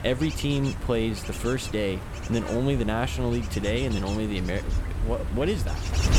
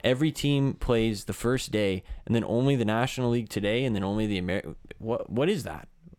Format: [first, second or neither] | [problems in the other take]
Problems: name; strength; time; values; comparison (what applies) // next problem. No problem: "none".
second | wind noise on the microphone; heavy; 8 dB below the speech